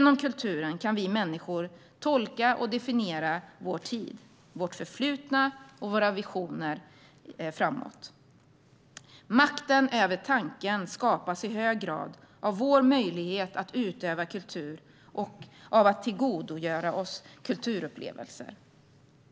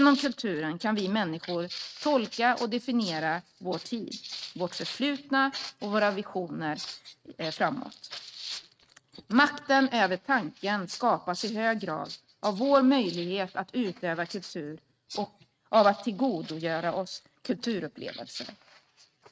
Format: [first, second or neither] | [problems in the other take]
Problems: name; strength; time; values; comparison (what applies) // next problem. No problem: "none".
first | noise reduction (neural mask model RNNoise)